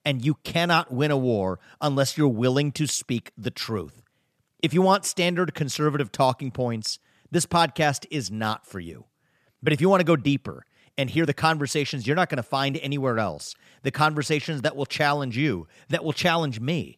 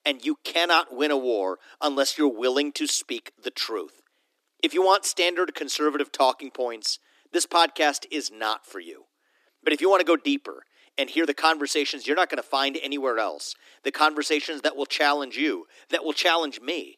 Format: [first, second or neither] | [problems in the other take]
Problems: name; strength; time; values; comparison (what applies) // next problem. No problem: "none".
first | thin; somewhat; fading below 300 Hz